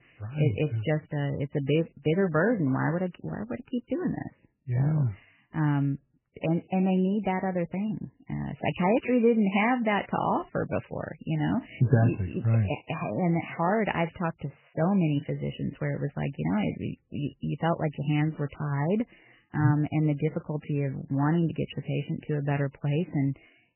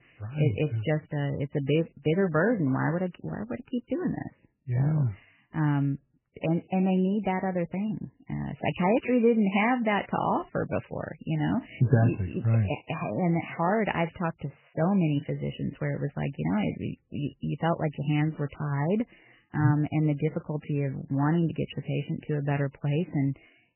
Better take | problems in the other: neither | garbled, watery; badly; nothing above 3 kHz; the same in both

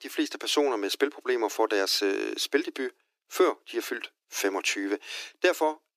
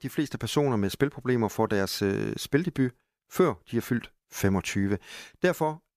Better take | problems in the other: second | thin; somewhat; fading below 300 Hz

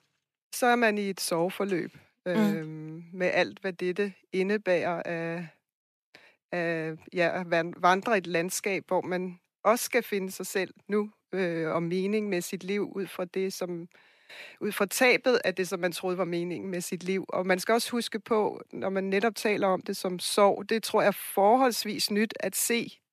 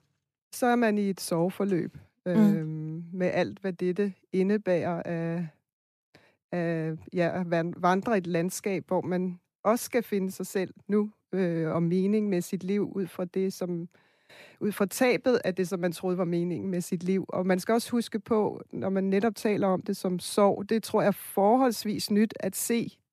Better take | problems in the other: second | thin; very slightly; fading below 900 Hz

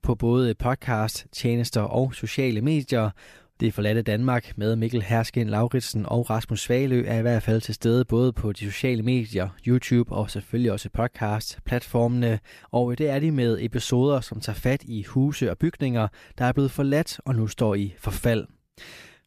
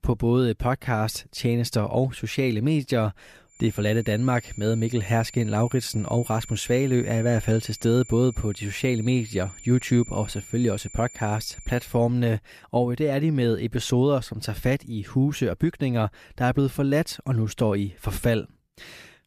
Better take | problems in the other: first | high-pitched whine; noticeable; from 3.5 to 12 s; 7 kHz, 15 dB below the speech

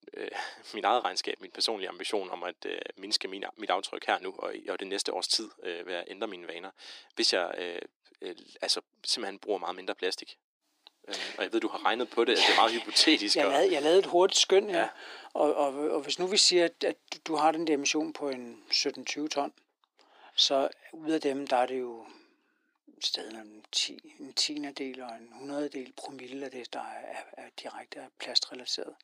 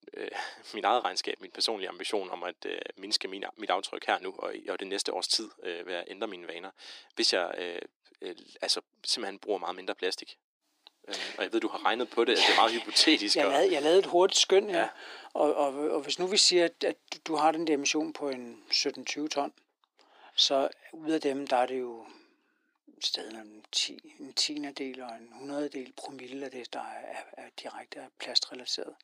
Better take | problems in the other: neither | thin; very; fading below 300 Hz; the same in both

